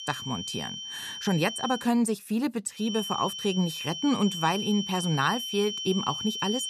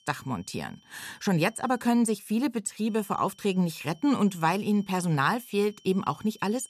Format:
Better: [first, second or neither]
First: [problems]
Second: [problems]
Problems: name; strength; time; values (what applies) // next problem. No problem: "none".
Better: second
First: high-pitched whine; loud; until 2 s and from 3 s on; 3 kHz, 5 dB below the speech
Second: high-pitched whine; faint; until 2 s and from 3 s on; 3 kHz, 30 dB below the speech